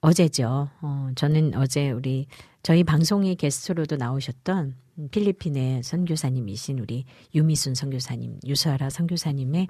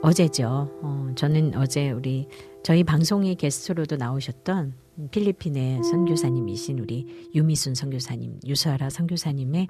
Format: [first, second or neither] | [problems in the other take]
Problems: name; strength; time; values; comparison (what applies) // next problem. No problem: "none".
first | background music; loud; throughout; 7 dB below the speech